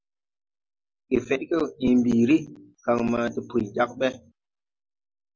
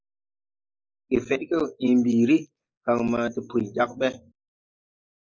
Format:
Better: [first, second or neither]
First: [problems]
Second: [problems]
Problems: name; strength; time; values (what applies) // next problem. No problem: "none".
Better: first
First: none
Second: noise reduction (neural mask model Resemble Enhance denoiser)